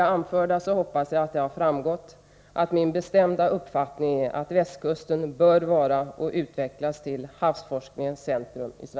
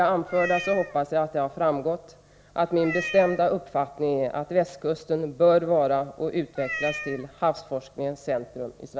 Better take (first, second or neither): first